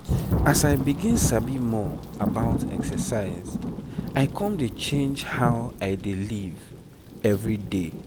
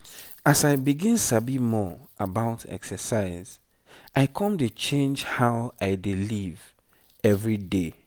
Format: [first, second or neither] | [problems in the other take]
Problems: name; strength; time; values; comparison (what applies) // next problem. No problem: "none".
second | background sound (Thunder / Rain); 3 dB below the speech